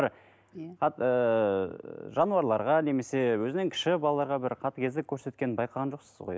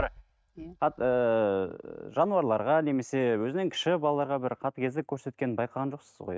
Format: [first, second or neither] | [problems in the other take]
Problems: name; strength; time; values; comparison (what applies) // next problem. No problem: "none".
first | noise reduction (neural mask model RNNoise)